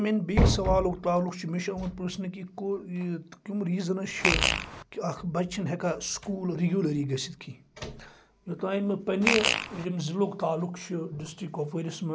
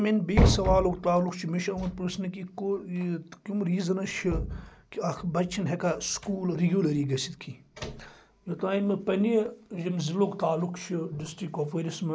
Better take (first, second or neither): second